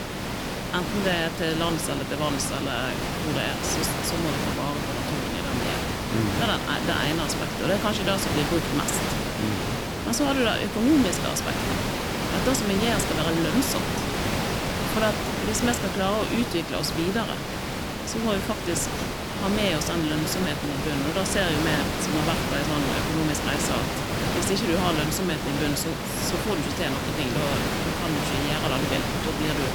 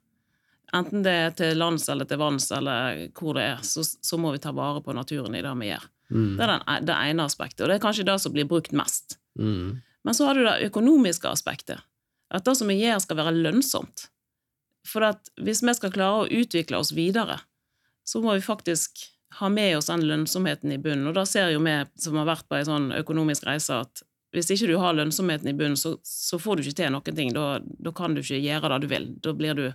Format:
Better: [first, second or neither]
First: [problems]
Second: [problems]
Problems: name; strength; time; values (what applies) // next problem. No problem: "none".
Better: second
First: hiss; loud; throughout; as loud as the speech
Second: none